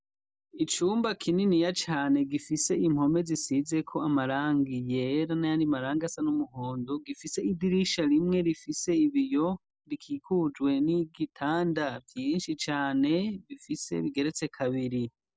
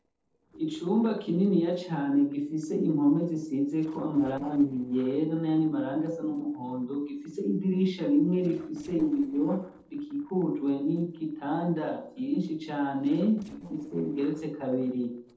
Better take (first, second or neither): first